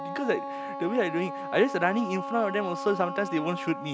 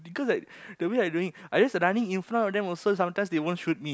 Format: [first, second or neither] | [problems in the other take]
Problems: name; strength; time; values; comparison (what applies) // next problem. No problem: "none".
second | background sound (Wind instrument, woodwind instrument); 7 dB below the speech